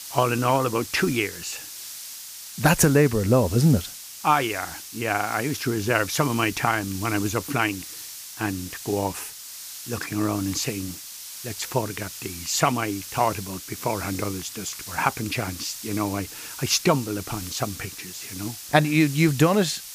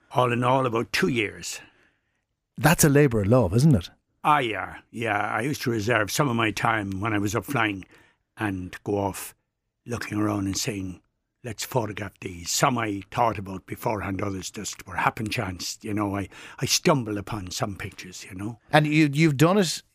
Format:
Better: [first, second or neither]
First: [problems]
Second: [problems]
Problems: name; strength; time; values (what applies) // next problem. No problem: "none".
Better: second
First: hiss; noticeable; throughout; 10 dB below the speech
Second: none